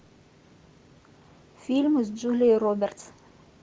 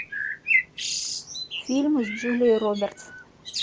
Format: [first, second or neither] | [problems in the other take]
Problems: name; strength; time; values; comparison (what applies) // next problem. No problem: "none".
first | background sound (Bird); 3 dB below the speech